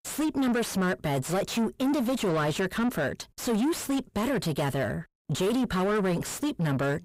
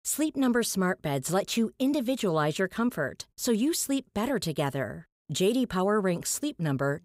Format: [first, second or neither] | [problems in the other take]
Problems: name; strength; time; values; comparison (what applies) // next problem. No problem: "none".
second | distortion; heavy; 7 dB below the speech